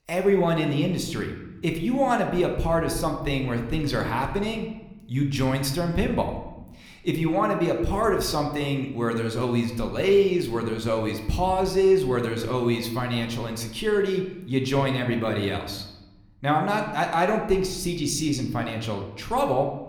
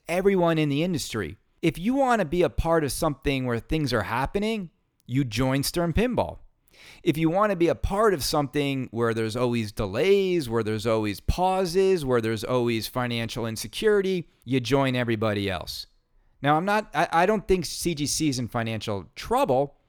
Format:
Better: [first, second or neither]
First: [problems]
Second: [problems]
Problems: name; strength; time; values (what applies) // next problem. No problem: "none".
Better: second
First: room echo; slight; dies away in 0.8 s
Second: none